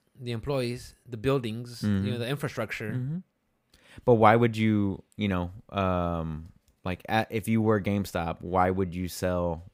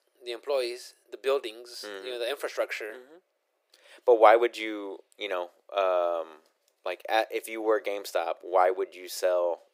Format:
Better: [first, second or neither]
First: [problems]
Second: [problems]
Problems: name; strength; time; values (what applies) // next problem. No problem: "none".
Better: first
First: none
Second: thin; very; fading below 350 Hz